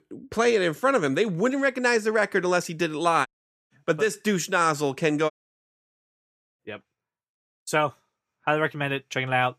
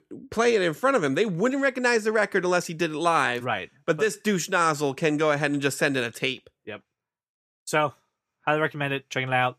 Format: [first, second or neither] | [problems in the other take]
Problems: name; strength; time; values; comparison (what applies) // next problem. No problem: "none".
second | audio cutting out; at 3.5 s and at 5.5 s for 1.5 s